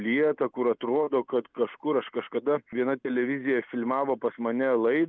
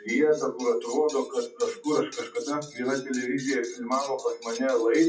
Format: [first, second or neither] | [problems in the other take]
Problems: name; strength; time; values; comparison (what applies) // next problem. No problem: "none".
first | noise reduction (classical method WPE with log-MMSE)